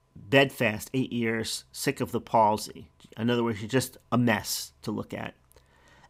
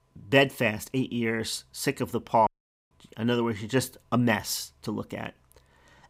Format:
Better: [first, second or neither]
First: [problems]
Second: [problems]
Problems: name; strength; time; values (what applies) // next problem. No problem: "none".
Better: first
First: none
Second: audio cutting out; at 2.5 s